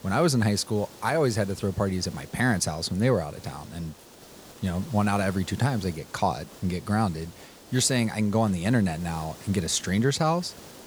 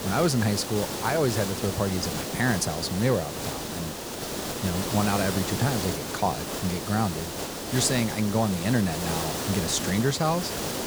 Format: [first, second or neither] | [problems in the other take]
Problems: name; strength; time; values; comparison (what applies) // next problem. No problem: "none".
first | hiss; loud; throughout; 4 dB below the speech; faint in the first